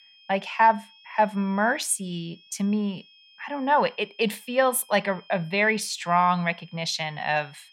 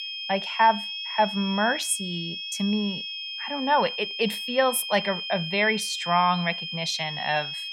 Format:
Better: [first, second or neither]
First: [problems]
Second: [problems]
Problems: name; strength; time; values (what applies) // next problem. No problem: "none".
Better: first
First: high-pitched whine; faint; throughout; 3 kHz, 25 dB below the speech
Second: high-pitched whine; loud; throughout; 3 kHz, 6 dB below the speech